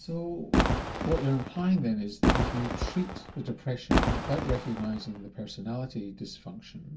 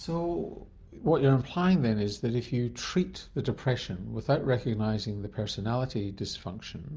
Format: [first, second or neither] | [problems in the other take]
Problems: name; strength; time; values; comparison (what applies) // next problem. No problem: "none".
second | background sound (Fireworks); 3 dB above the speech // room echo; dies away in 0.2 s